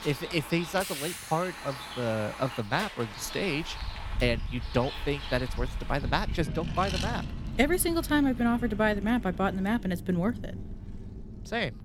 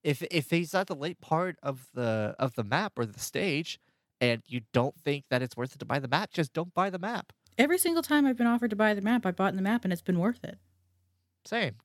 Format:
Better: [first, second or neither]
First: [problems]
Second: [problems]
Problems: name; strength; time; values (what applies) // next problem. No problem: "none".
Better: second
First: traffic noise; loud; throughout; 8 dB below the speech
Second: none